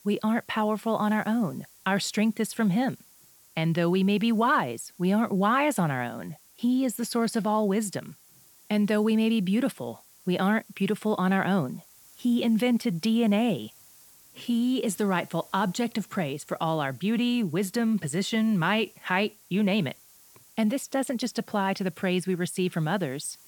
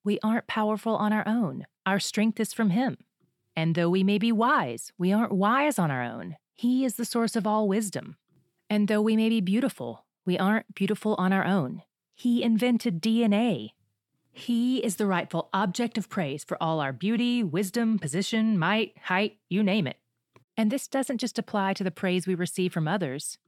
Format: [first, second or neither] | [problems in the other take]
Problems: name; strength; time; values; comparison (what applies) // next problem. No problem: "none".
second | hiss; faint; throughout; 25 dB below the speech